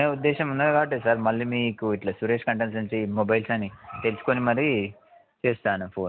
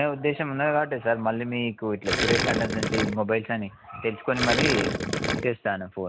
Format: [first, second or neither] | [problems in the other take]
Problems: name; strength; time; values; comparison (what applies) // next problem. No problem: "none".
first | background sound (Gurgling); 1 dB above the speech